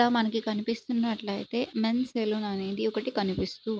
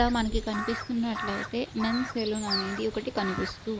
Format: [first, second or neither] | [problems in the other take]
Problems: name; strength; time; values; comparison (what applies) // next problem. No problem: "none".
first | background sound (Crow); 6 dB below the speech